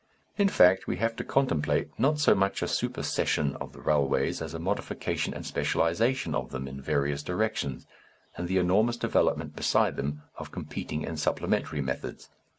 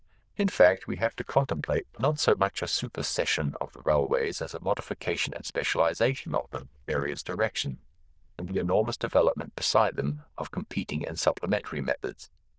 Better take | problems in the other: first | noise reduction (neural diffusion model UNIVERSE++)

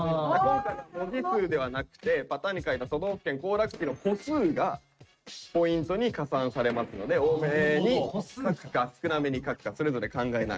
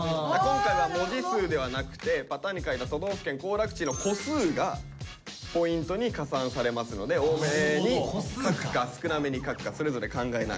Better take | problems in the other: second | noise reduction (neural mask model RNNoise)

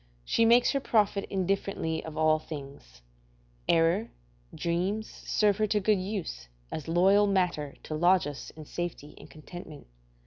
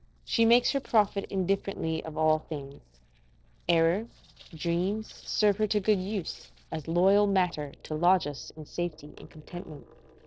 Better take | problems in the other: first | noise reduction (neural separator model SepFormer DNS4)

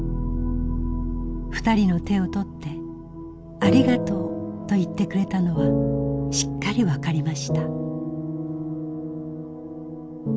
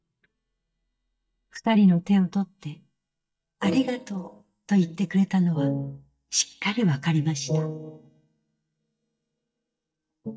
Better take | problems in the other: first | noise reduction (neural mask model DeepFilterNet 3)

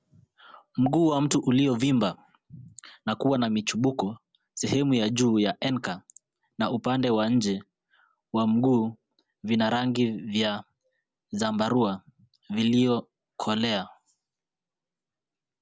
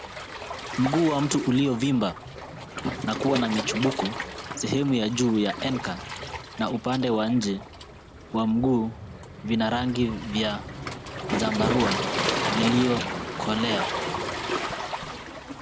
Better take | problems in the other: first | background sound (Waves, surf); 5 dB below the speech

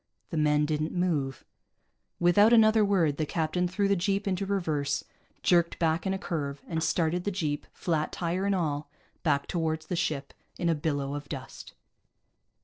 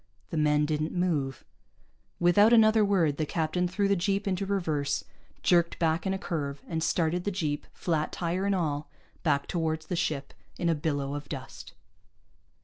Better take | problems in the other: second | noise reduction (neural separator model SepFormer DNS4)

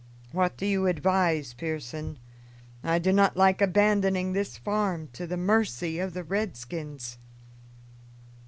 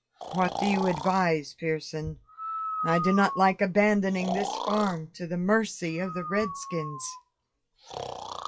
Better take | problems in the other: first | noise reduction (classical method WPE with log-MMSE)

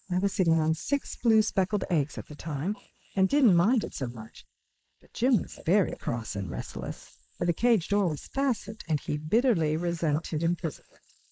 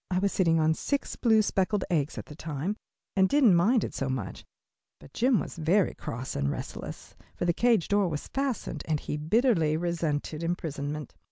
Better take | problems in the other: second | noise reduction (neural mask model Resemble Enhance denoiser)

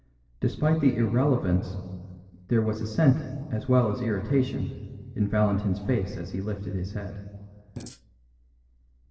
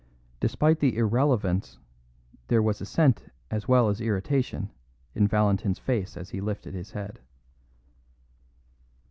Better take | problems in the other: second | noise reduction (neural separator model SepFormer DNS4)

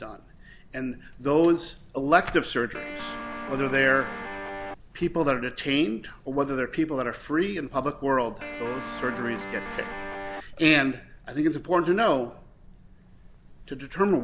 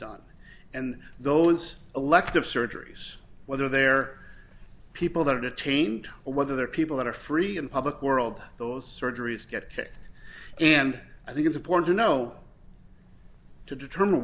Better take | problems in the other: second | background sound (Guitar); 9 dB below the speech

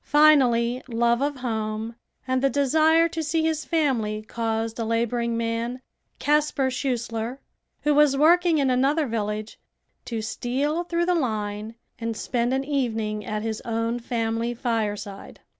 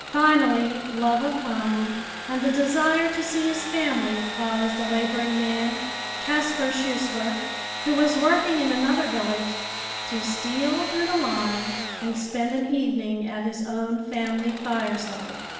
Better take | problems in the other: first | background sound (Sawing / Engine); 8 dB below the speech // room echo; dies away in 1 s

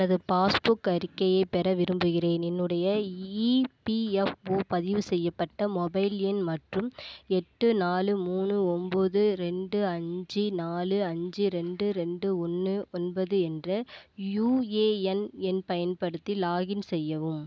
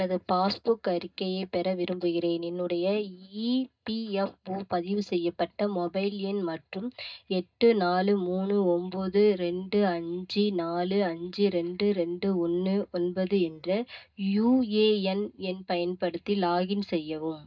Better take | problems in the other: first | noise reduction (neural mask model DeepFilterNet 3)

